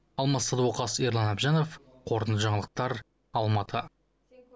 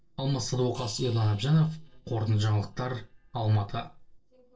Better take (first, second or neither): first